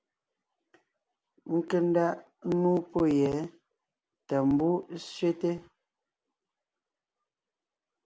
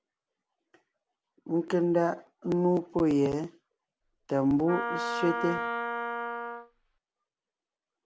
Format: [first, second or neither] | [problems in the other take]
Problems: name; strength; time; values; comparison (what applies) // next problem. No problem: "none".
first | background sound (Wind instrument, woodwind instrument); 3 dB below the speech